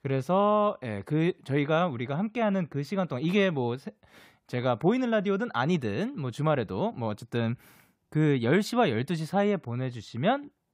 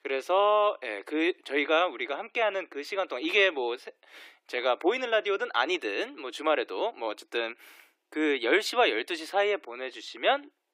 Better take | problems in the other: first | thin; very; fading below 300 Hz

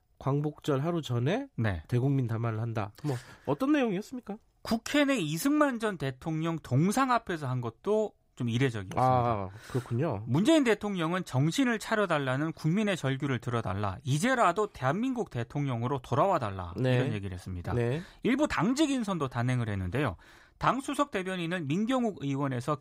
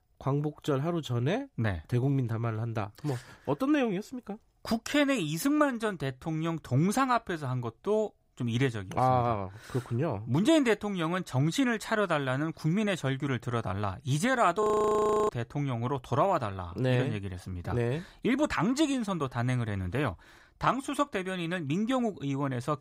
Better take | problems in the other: first | audio freezing; at 15 s for 0.5 s

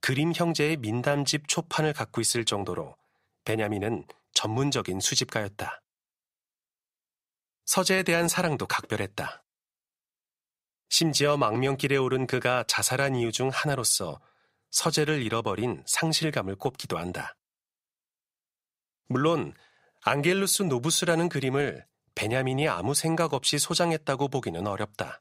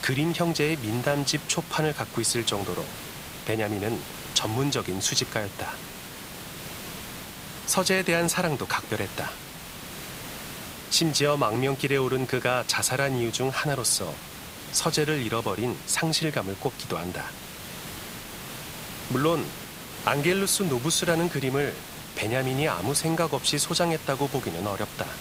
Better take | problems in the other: first | hiss; noticeable; throughout; 10 dB below the speech

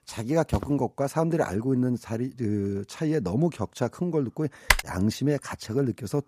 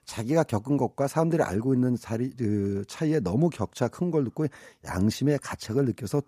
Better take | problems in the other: second | footsteps; noticeable; at 0.5 s; peak 6 dB below the speech // keyboard typing; loud; at 4.5 s; peak 4 dB above the speech

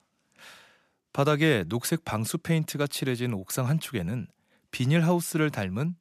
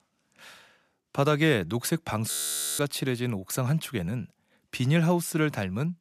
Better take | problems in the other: first | audio freezing; at 2.5 s

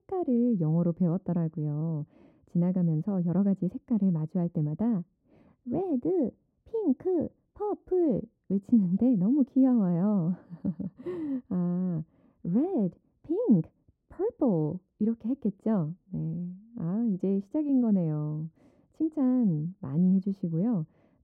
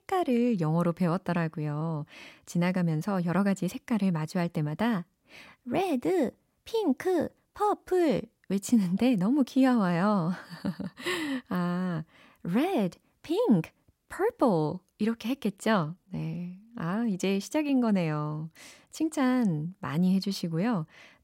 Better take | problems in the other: second | muffled; very; fading above 1 kHz

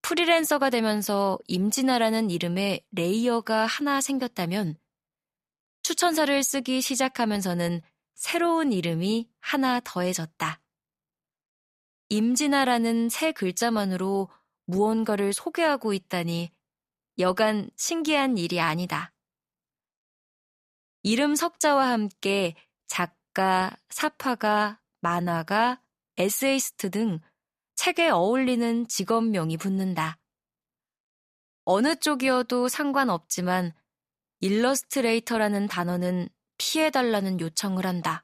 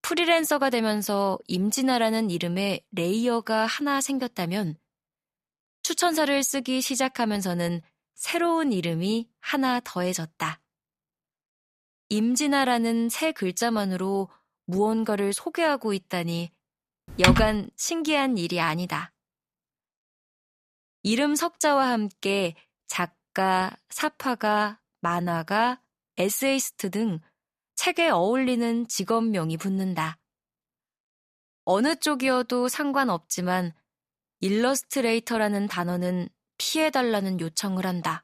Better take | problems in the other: first | keyboard typing; loud; at 17 s; peak 5 dB above the speech

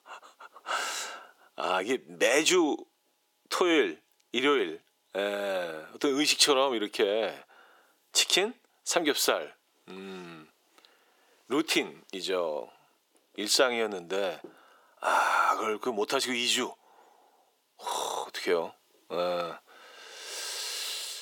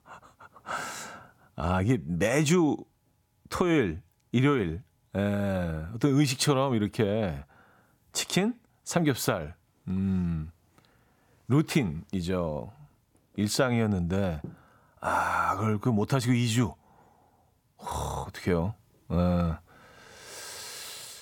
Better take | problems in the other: second | thin; somewhat; fading below 350 Hz

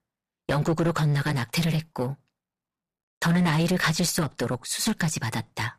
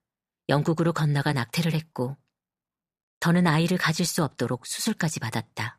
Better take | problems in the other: second | distortion; heavy; 8% of the sound clipped

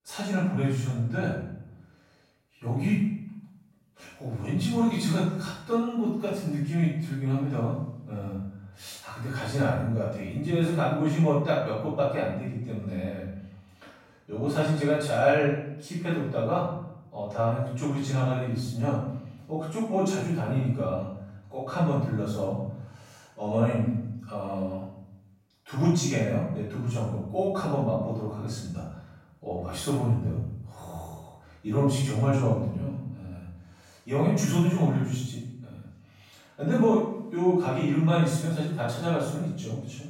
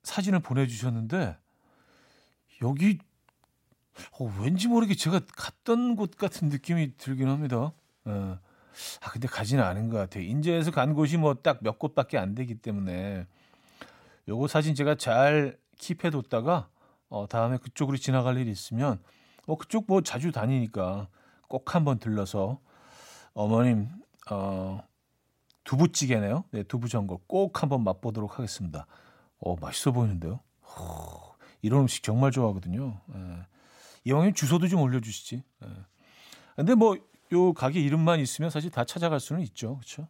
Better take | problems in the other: second | room echo; strong; dies away in 0.7 s // off-mic speech; far

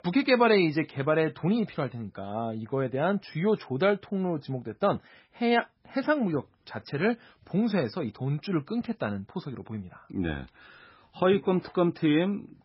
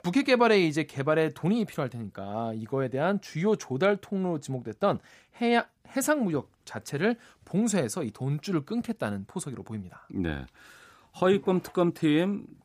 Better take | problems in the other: second | garbled, watery; badly; nothing above 5.5 kHz

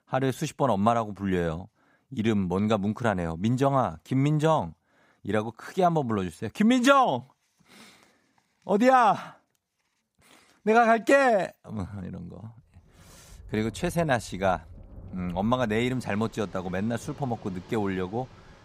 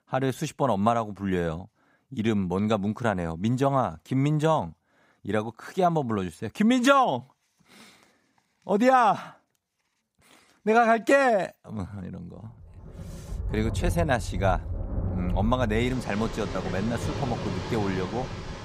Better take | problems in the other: first | rain or running water; loud; from 13 s on; 7 dB below the speech; faint in the first

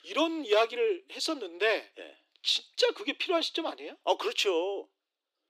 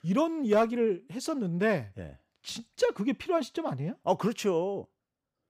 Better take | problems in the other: second | thin; somewhat; fading below 300 Hz

